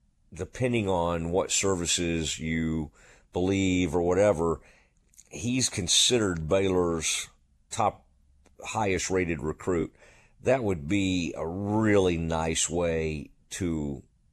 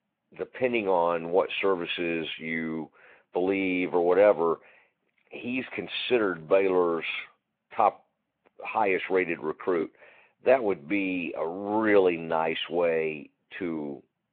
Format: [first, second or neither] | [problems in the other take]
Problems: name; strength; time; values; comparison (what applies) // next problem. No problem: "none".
first | phone-call audio; nothing above 3.5 kHz